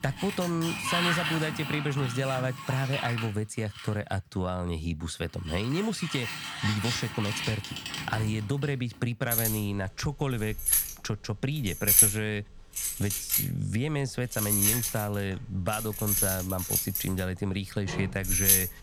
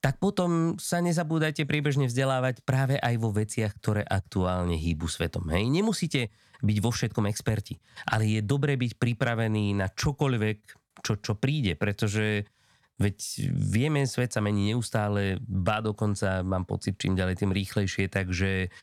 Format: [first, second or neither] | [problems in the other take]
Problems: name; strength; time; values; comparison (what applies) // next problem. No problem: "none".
second | household noises; very loud; throughout; 3 dB above the speech